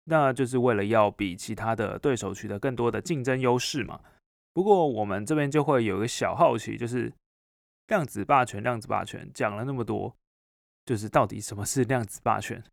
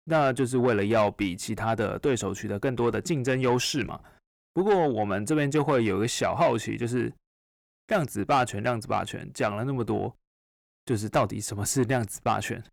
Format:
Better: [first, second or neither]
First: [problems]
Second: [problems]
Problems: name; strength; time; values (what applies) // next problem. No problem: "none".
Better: first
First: none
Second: distortion; slight; 10 dB below the speech